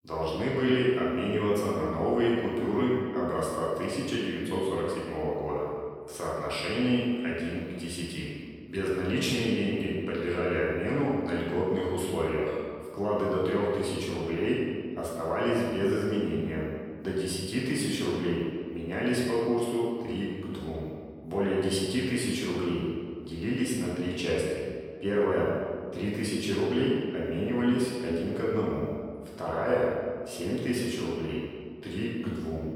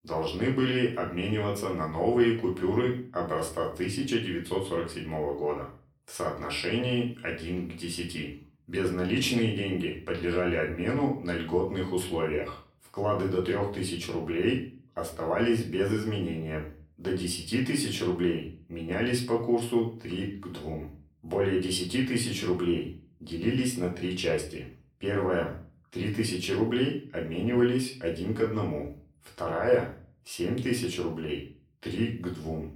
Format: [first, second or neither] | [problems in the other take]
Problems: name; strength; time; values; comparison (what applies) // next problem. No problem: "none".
second | room echo; strong; dies away in 1.6 s; slight in the second // off-mic speech; far; far in the second